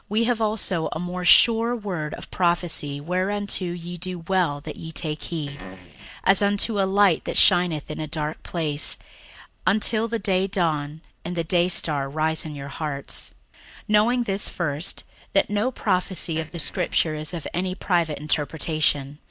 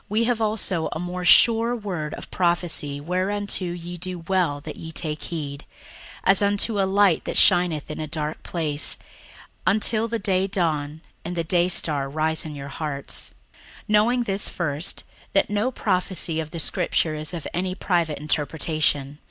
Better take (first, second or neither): second